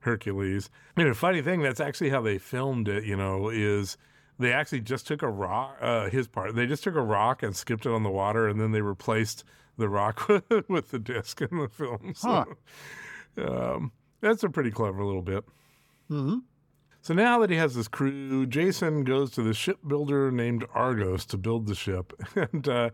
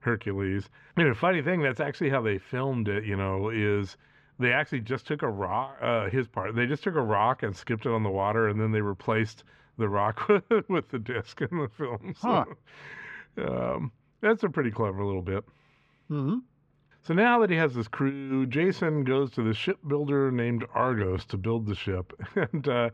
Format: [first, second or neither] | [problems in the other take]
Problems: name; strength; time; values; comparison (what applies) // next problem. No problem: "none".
first | muffled; slightly; fading above 2.5 kHz